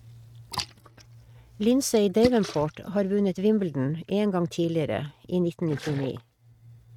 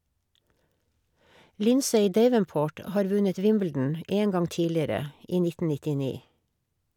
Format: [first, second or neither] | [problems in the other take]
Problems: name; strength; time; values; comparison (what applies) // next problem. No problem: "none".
second | noise reduction (neural mask model RNNoise)